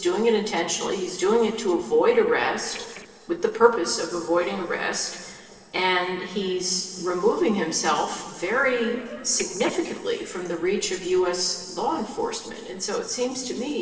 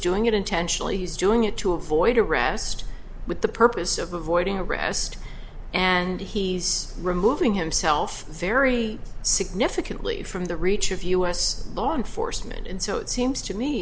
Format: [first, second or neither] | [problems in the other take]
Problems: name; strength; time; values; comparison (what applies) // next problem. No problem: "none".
second | noise reduction (neural separator model SepFormer DNS4)